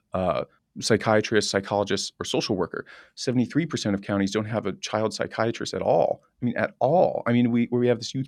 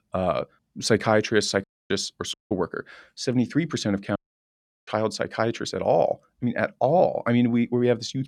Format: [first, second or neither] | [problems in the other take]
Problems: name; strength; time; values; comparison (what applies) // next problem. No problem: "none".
first | audio cutting out; at 1.5 s, at 2.5 s and at 4 s for 0.5 s